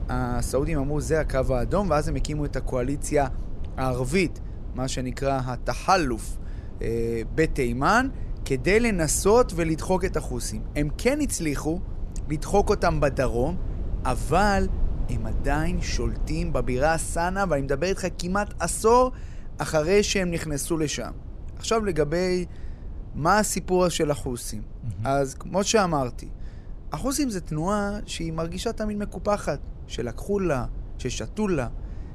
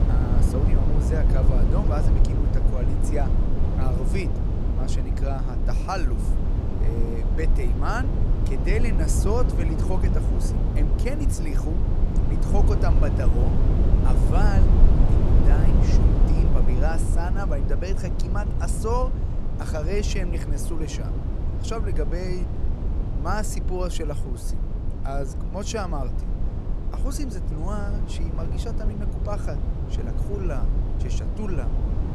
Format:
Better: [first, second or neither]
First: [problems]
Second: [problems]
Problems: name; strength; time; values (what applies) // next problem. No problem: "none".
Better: first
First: low rumble; faint; throughout; 25 dB below the speech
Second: low rumble; loud; throughout; 3 dB below the speech